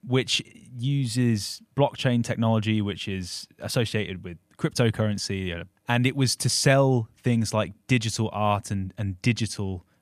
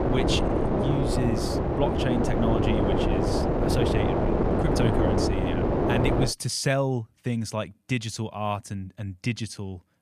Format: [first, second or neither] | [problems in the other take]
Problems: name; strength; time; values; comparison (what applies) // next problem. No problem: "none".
first | wind noise on the microphone; heavy; until 6.5 s; 4 dB above the speech